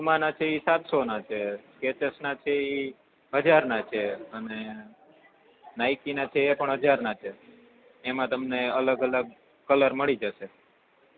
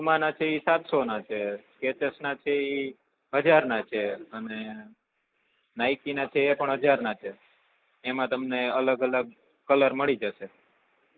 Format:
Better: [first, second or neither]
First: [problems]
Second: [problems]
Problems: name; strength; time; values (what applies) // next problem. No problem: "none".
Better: first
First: none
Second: noise reduction (neural mask model Resemble Enhance denoiser)